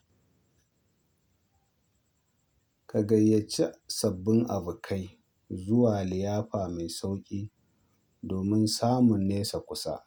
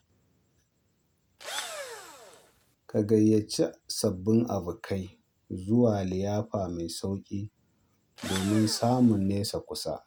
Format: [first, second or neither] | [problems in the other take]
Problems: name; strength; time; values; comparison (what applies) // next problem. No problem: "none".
first | background sound (Engine / Drill); 12 dB below the speech